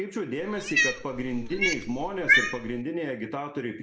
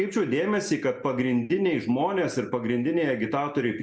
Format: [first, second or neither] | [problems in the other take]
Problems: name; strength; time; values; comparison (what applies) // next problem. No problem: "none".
second | background sound (Cat); 4 dB above the speech